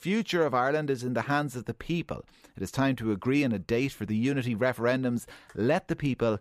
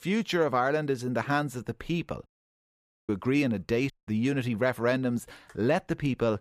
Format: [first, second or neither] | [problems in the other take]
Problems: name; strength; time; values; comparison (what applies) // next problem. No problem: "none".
first | audio cutting out; at 2.5 s for 1 s and at 4 s